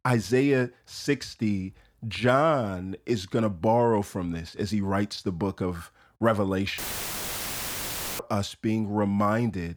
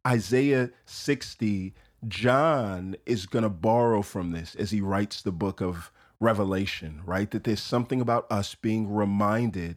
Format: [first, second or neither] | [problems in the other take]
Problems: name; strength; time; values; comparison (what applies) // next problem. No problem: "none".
second | audio cutting out; filled with static; at 7 s for 1.5 s